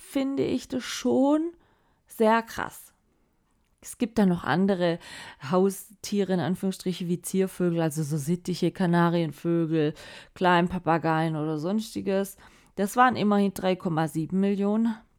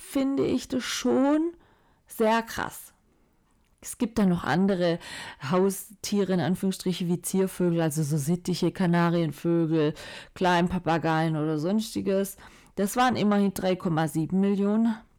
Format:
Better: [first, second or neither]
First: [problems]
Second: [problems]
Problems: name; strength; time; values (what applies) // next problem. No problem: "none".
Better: first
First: none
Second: distortion; slight; 10 dB below the speech